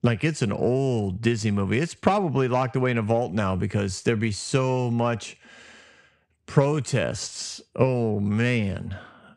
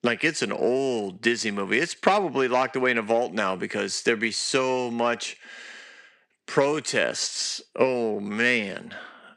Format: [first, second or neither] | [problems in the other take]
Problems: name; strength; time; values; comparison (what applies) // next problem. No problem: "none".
first | thin; somewhat; fading below 250 Hz